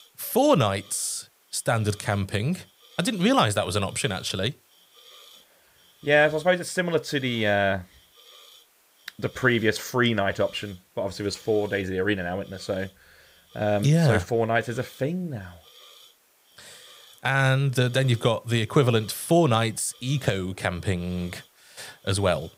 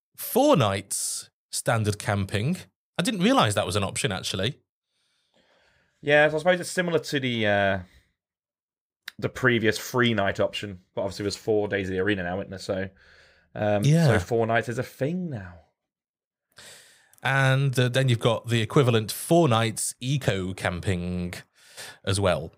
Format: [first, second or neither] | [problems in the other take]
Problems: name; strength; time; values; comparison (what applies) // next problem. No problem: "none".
second | hiss; faint; throughout; 25 dB below the speech